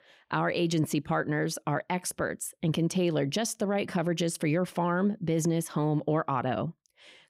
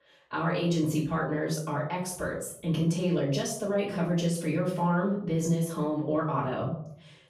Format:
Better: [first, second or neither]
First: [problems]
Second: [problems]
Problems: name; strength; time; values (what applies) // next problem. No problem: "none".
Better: first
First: none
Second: off-mic speech; far // room echo; noticeable; dies away in 0.5 s